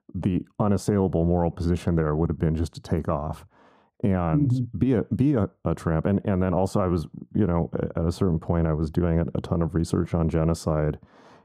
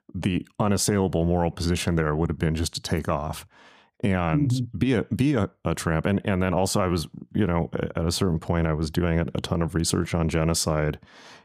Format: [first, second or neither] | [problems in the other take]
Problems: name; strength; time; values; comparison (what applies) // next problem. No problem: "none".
second | muffled; slightly; fading above 1 kHz